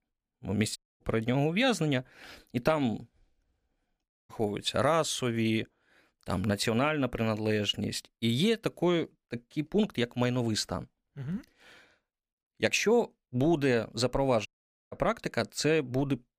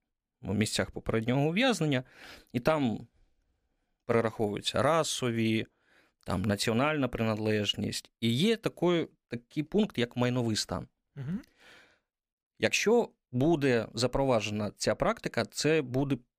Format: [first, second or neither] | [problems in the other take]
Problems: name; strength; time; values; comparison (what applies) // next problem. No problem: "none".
second | audio cutting out; at 1 s, at 4 s and at 14 s